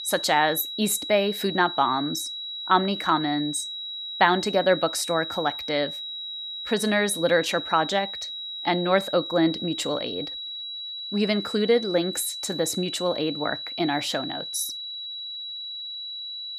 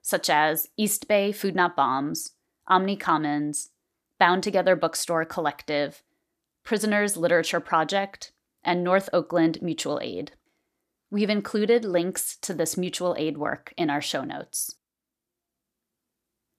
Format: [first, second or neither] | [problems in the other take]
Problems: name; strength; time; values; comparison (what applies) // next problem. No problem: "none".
second | high-pitched whine; loud; throughout; 4 kHz, 7 dB below the speech